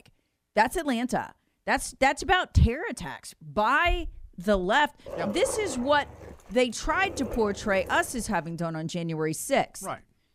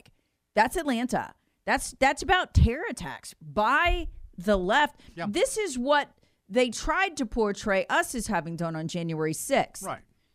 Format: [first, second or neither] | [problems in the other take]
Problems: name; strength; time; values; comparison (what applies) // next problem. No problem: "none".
second | dog barking; noticeable; from 5 to 8.5 s; peak 8 dB below the speech